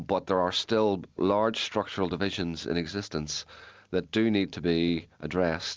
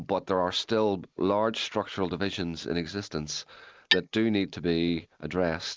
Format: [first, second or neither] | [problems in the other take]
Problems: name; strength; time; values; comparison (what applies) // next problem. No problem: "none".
first | noise reduction (neural mask model Resemble Enhance denoiser)